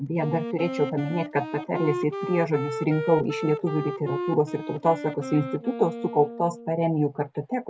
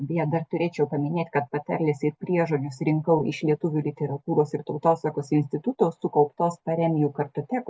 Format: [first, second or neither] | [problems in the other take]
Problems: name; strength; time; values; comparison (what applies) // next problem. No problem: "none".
second | background sound (Wind instrument, woodwind instrument); 8 dB below the speech